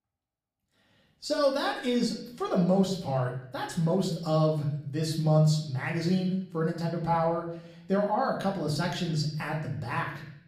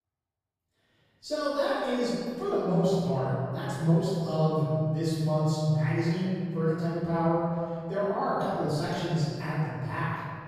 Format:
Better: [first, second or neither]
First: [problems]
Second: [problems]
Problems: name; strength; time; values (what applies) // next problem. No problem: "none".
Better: first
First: room echo; slight; dies away in 0.7 s // off-mic speech; far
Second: room echo; strong; dies away in 2.2 s // off-mic speech; far